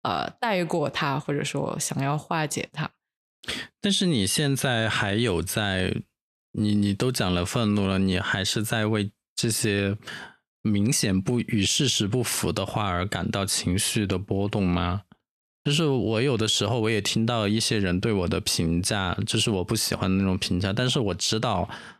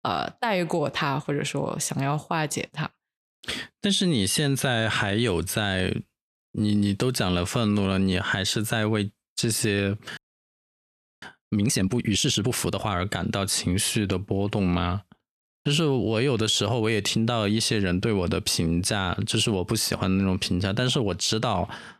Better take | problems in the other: first | audio freezing; at 10 s for 1 s

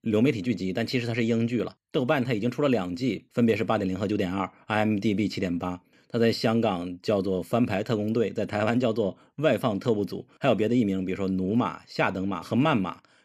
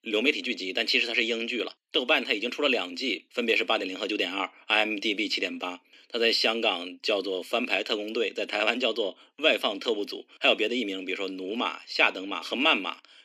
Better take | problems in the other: first | thin; somewhat; fading below 300 Hz

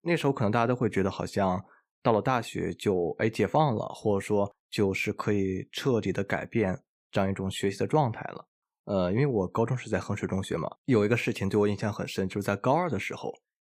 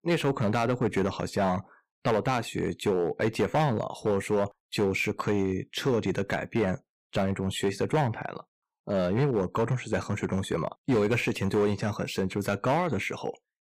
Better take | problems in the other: first | distortion; slight; 5% of the sound clipped

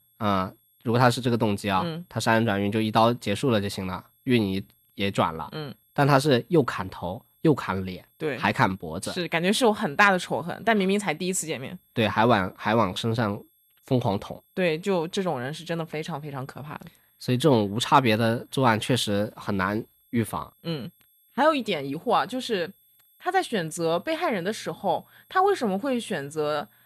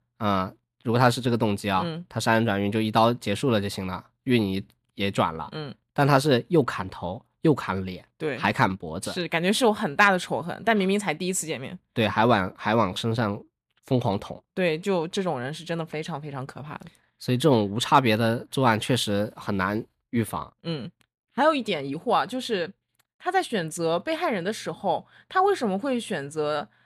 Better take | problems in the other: second | high-pitched whine; faint; throughout; 11.5 kHz, 35 dB below the speech

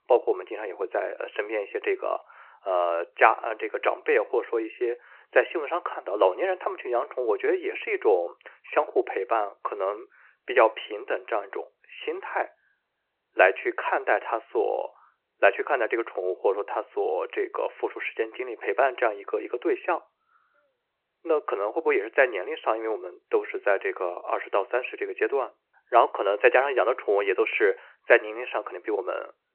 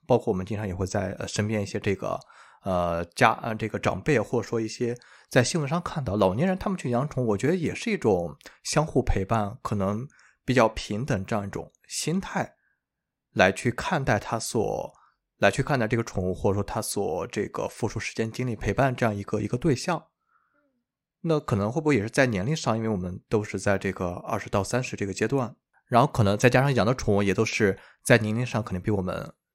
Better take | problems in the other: second | phone-call audio

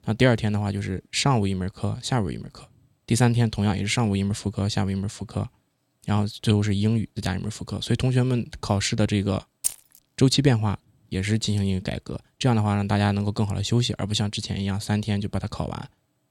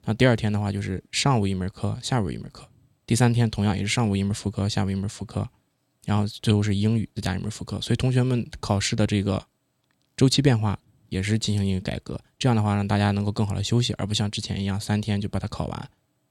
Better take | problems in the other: second | jangling keys; noticeable; at 9.5 s; peak 3 dB below the speech

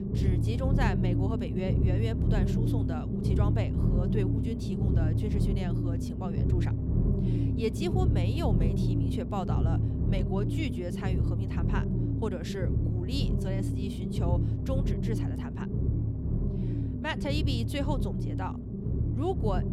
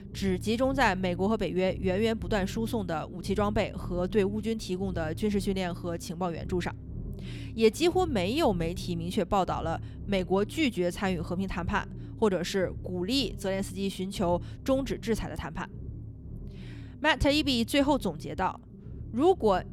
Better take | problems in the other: second | low rumble; loud; throughout; 1 dB below the speech; faint in the second

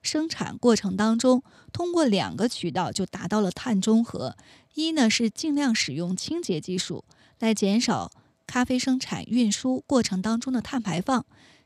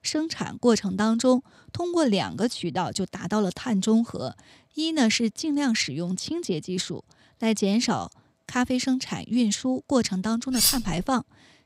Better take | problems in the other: first | clattering dishes; loud; at 11 s; peak 4 dB above the speech

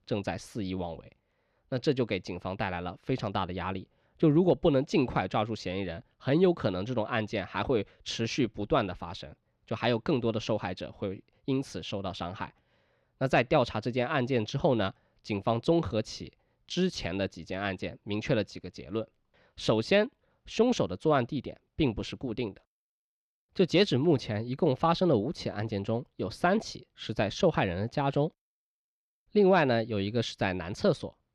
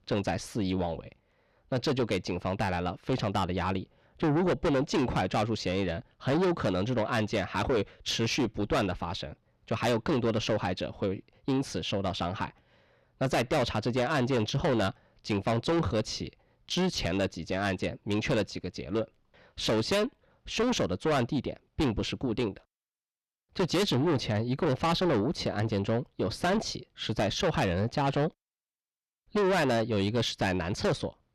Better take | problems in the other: first | distortion; heavy; 6 dB below the speech

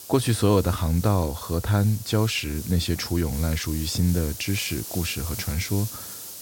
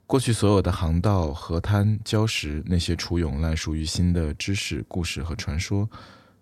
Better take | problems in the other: second | hiss; noticeable; throughout; 10 dB below the speech

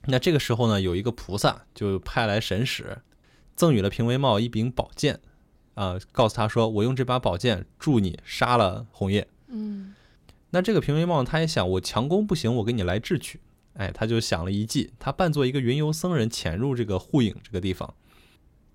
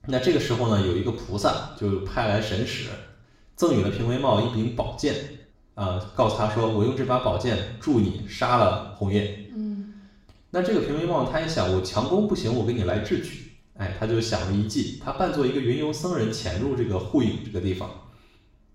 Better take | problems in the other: first | room echo; noticeable; dies away in 0.6 s // off-mic speech; far

